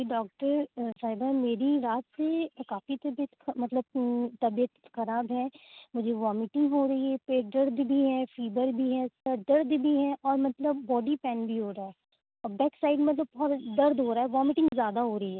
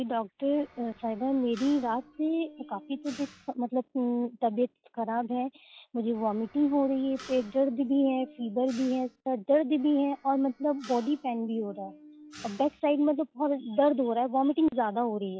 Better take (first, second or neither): first